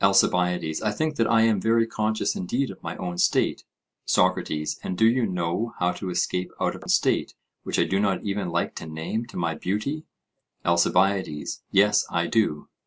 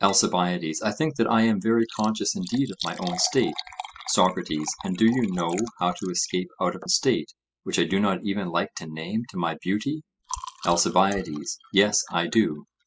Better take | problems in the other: first | noise reduction (classical method spectral subtraction)

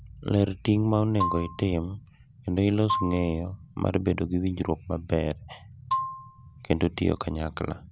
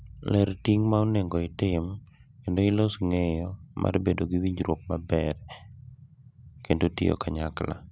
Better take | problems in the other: second | background sound (Marimba, xylophone); 8 dB below the speech

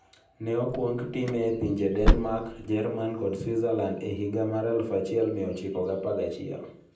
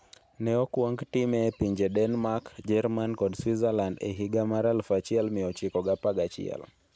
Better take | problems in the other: second | background sound (Slam / Car); 1 dB above the speech // room echo; dies away in 0.6 s

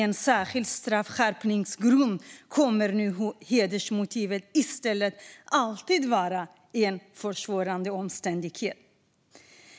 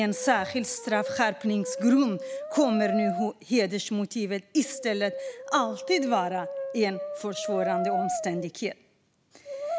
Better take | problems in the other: first | background sound (Brass instrument); 7 dB below the speech

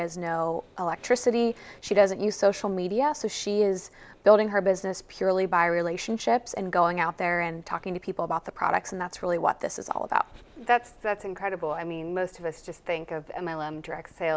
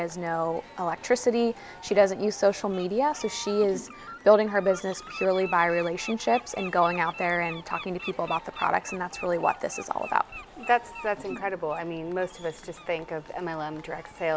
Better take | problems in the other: first | background sound (Crowd / Cheering + Bird); 16 dB below the speech

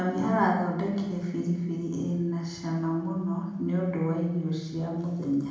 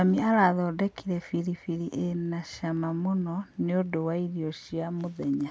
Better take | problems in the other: second | room echo; dies away in 0.9 s

